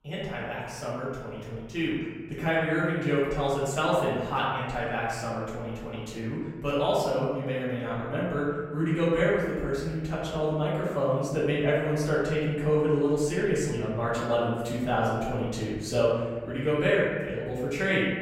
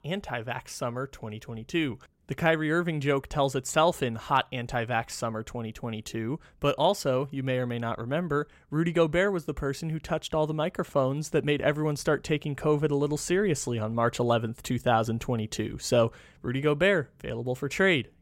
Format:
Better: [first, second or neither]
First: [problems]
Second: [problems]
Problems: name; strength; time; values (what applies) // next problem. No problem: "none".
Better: second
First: room echo; noticeable; dies away in 1.4 s // off-mic speech; far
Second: none